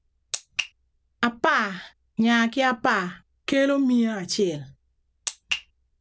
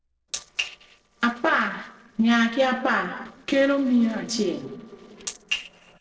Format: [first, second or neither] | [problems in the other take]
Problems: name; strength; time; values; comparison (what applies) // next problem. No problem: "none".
first | noise reduction (neural separator model SepFormer DNS4)